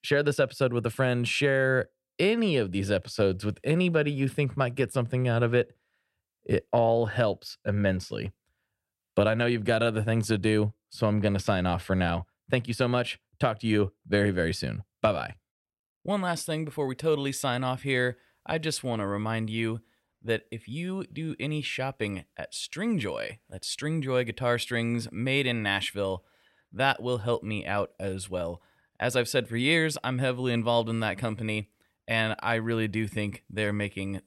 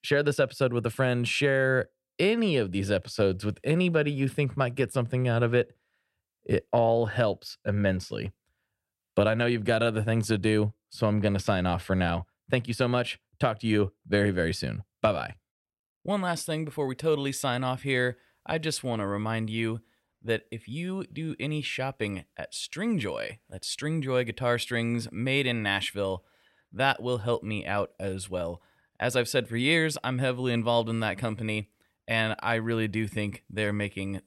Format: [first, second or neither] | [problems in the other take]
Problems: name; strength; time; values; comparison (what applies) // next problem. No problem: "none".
neither | none